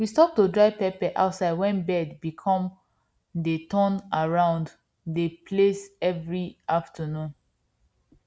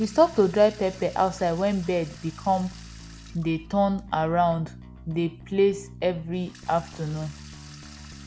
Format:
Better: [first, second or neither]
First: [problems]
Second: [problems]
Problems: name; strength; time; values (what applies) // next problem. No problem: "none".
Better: first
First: none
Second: background sound (Sink (filling or washing) / Water tap, faucet + Bass guitar); 17 dB below the speech